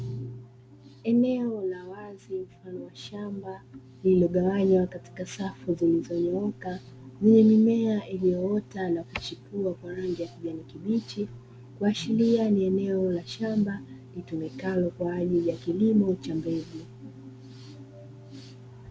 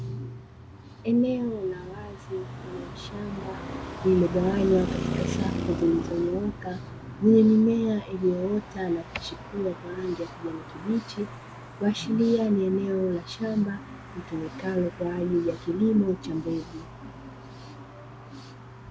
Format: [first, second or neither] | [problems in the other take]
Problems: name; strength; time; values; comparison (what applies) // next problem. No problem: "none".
first | background sound (Traffic noise, roadway noise); 11 dB below the speech